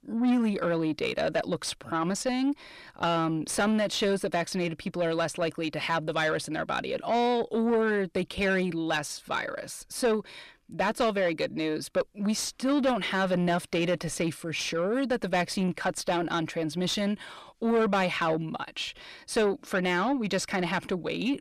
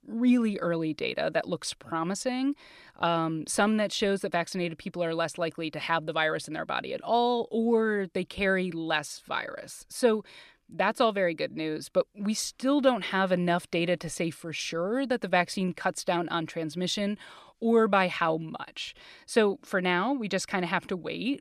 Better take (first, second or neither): second